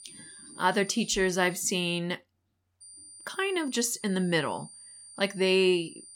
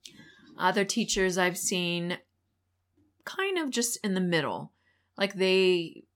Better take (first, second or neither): second